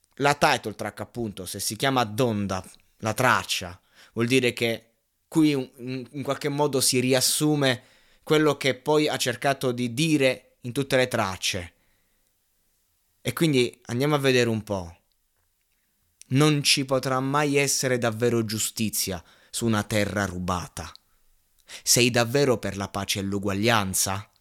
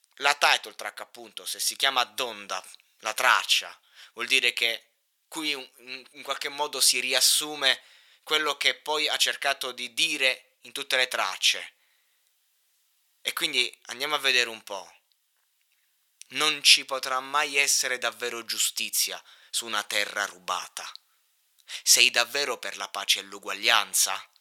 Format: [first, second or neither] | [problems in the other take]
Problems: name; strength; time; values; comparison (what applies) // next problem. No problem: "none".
first | thin; very; fading below 850 Hz